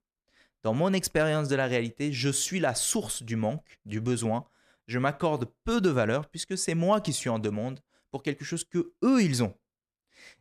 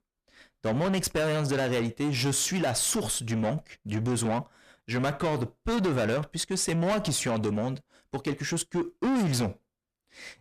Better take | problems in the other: first | distortion; heavy; 7 dB below the speech

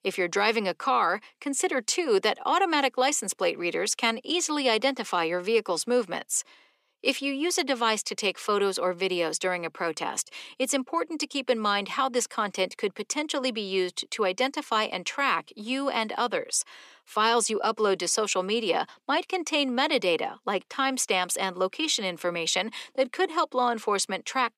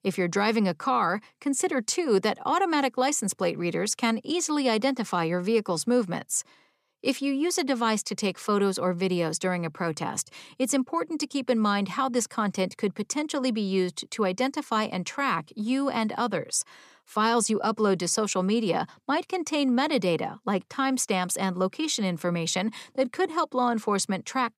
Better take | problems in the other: second | thin; somewhat; fading below 400 Hz

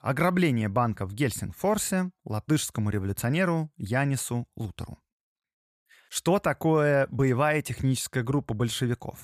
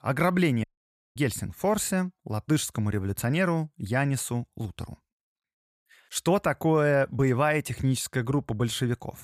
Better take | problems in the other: first | audio cutting out; at 0.5 s for 0.5 s

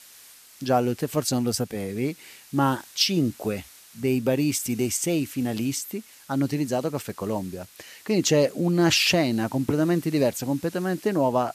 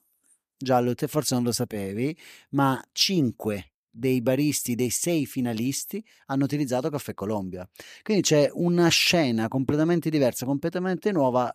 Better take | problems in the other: second | hiss; faint; throughout; 20 dB below the speech

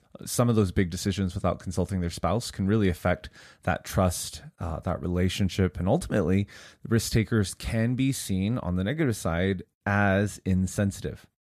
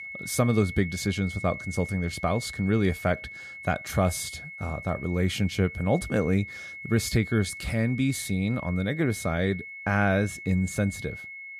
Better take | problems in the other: first | high-pitched whine; noticeable; throughout; 2 kHz, 10 dB below the speech

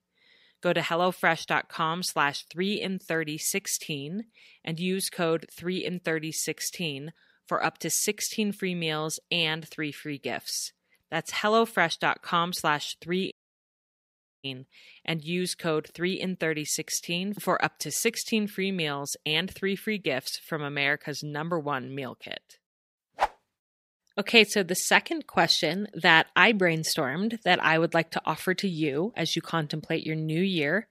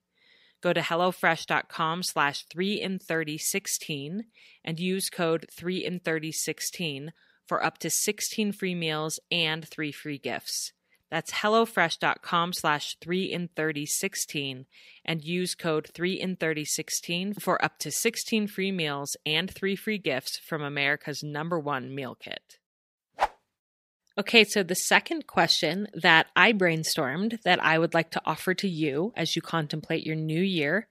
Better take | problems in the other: second | audio cutting out; at 13 s for 1 s

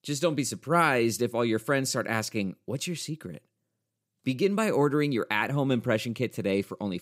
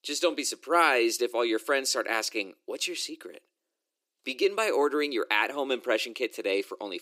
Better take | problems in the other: first | thin; somewhat; fading below 350 Hz

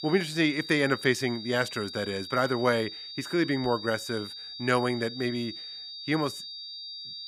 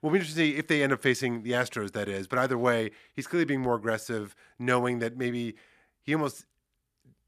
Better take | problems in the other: second | high-pitched whine; loud; throughout; 4.5 kHz, 10 dB below the speech

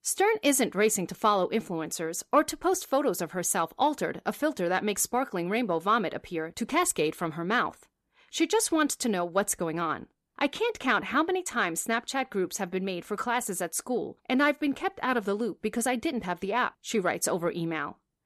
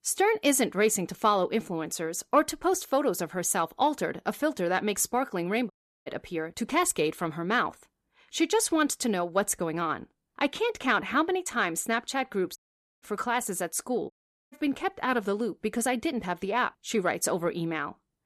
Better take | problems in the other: first | audio cutting out; at 5.5 s, at 13 s and at 14 s

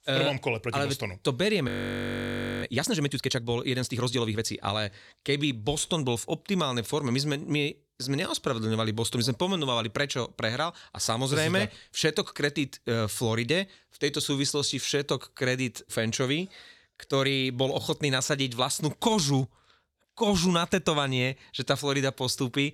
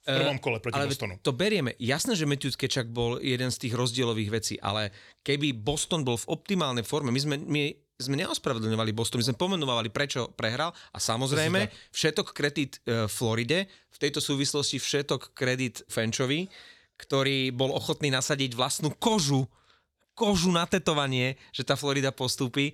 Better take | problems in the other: second | audio freezing; at 1.5 s for 1 s

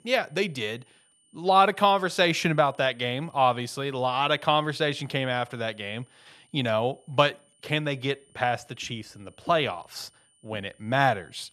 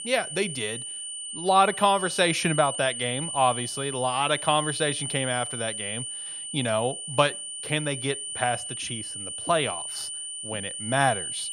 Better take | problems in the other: first | high-pitched whine; loud; throughout; 9 kHz, 6 dB below the speech; faint in the first

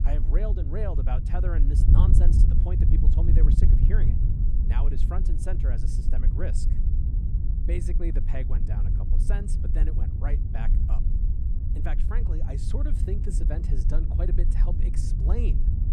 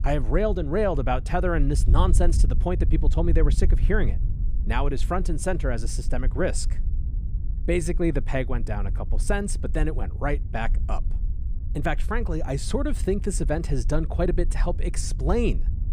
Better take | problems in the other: second | wind noise on the microphone; heavy; 2 dB below the speech; occasional gusts in the second

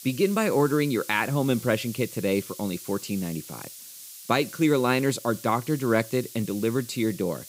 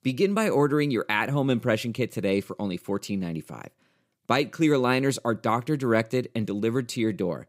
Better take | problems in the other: second | hiss; noticeable; throughout; 15 dB below the speech

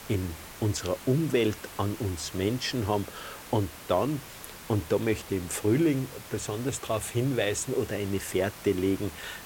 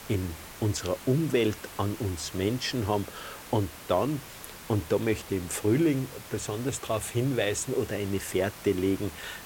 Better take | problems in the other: neither | hiss; noticeable; throughout; 15 dB below the speech; the same in both

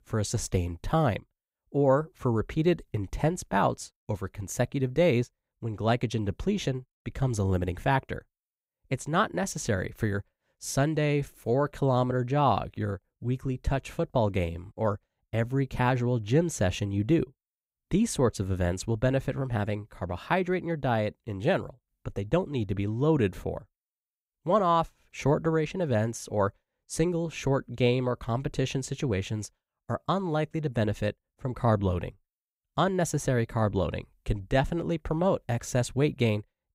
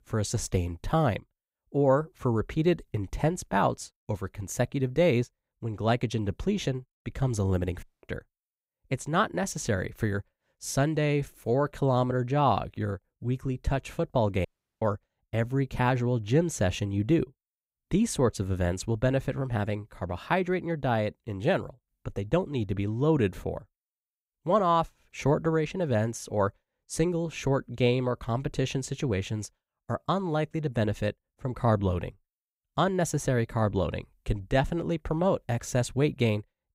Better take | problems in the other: first | audio cutting out; at 8 s and at 14 s

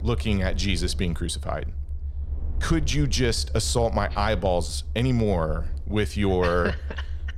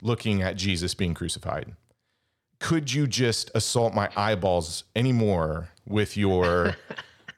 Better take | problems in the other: second | low rumble; faint; throughout; 25 dB below the speech

